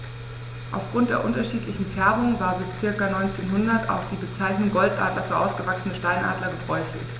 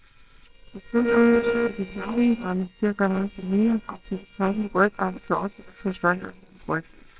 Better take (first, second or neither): first